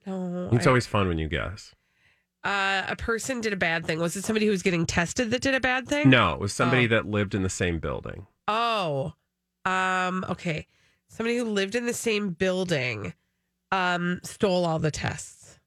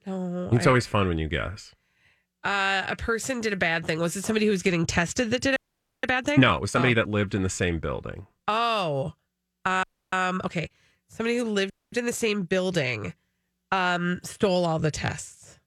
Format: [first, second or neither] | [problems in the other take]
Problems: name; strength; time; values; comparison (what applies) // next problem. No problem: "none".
first | audio freezing; at 5.5 s, at 10 s and at 12 s